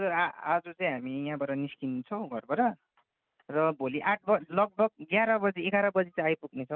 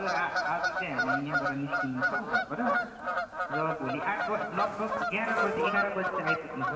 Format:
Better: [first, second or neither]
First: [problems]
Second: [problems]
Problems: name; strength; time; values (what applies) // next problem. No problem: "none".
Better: first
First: none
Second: background sound (Bird vocalization, bird call, bird song / Fowl); 2 dB above the speech // room echo; dies away in 2.9 s